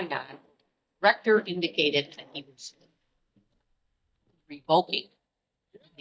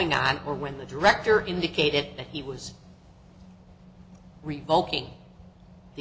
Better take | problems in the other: second | noise reduction (neural mask model DeepFilterNet 3)

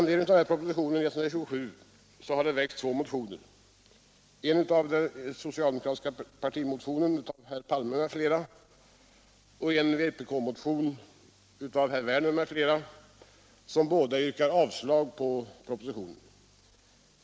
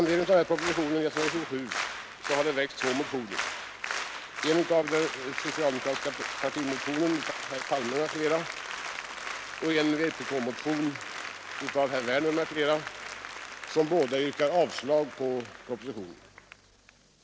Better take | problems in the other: first | background sound (Applause); 7 dB below the speech

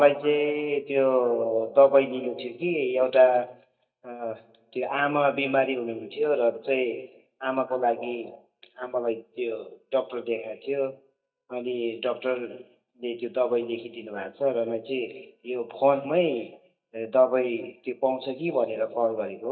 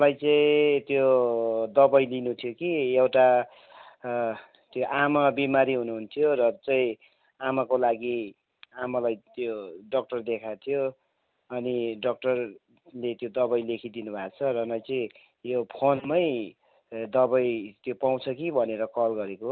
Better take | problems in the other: second | noise reduction (neural mask model DeepFilterNet 3)

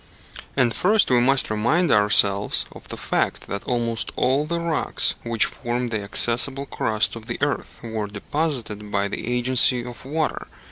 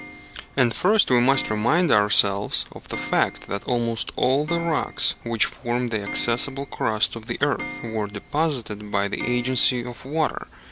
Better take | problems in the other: first | background sound (Clock); 15 dB below the speech

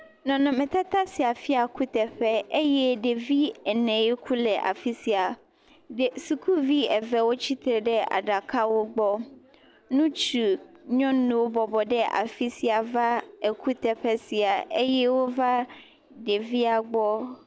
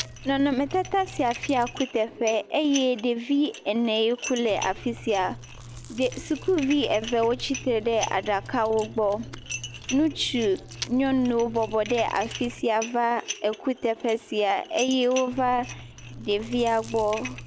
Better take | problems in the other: first | background sound (Dishes, pots, and pans + Chewing, mastication); 14 dB below the speech

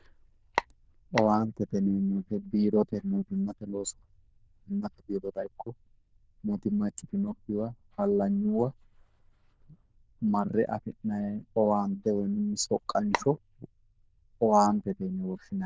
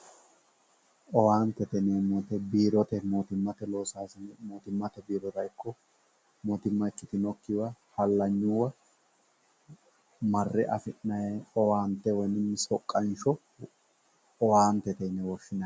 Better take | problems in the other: second | noise reduction (neural diffusion model UNIVERSE++)

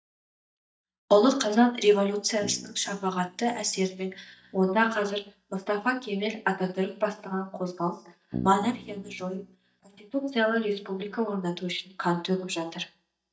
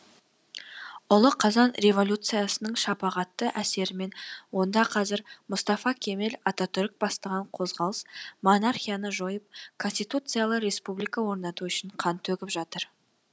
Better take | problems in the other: second | noise reduction (neural mask model DeepFilterNet 3)

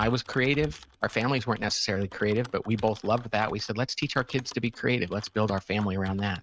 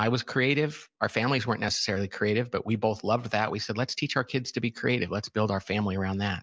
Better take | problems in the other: second | noise reduction (neural mask model RNNoise)

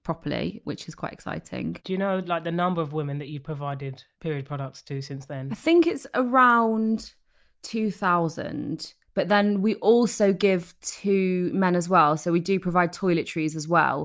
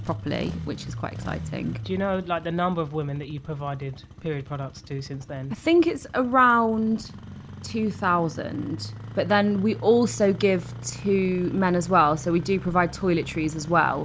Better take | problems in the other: first | background sound (Engine starting); 13 dB below the speech

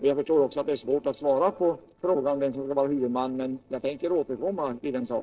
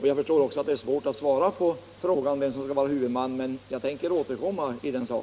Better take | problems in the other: second | noise reduction (neural separator model SepFormer DNS4)

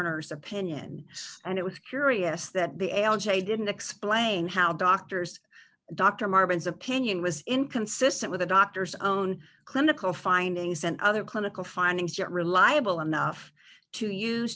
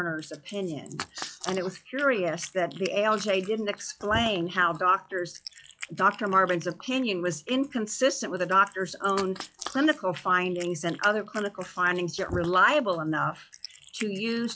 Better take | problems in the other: first | noise reduction (classical method log-MMSE)

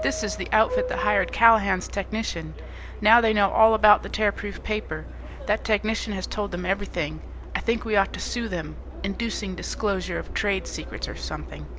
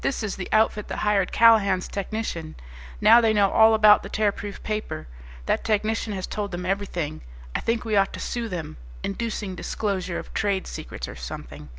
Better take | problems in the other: second | background sound (Subway, metro, underground); 13 dB below the speech

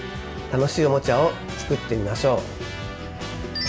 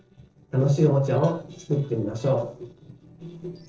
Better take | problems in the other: first | noise reduction (neural separator model SepFormer DNS4)

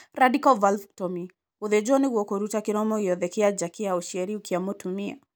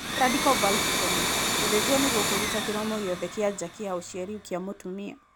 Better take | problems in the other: first | background sound (Domestic sounds, home sounds); as loud as the speech

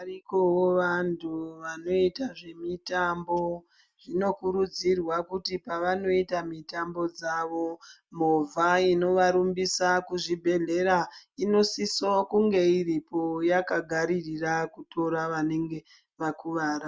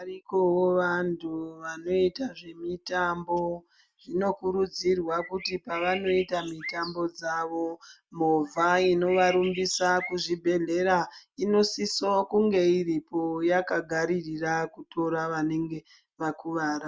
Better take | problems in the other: first | background sound (Bird); 13 dB below the speech

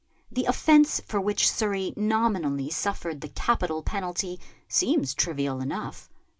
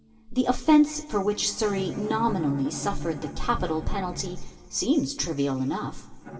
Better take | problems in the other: first | background sound (Bowed string instrument); 14 dB below the speech // room echo; dies away in 2.8 s

